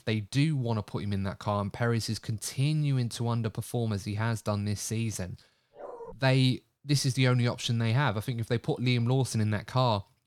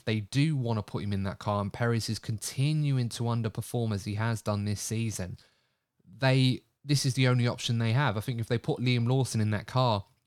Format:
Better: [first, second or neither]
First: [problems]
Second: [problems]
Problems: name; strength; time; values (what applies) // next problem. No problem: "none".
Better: second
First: dog barking; faint; at 6 s; peak 15 dB below the speech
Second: none